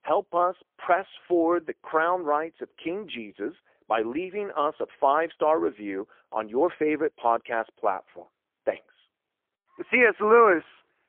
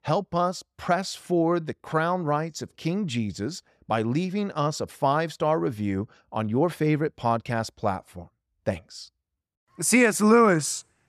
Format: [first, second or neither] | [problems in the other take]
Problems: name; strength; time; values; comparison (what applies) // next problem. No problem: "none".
second | phone-call audio; poor line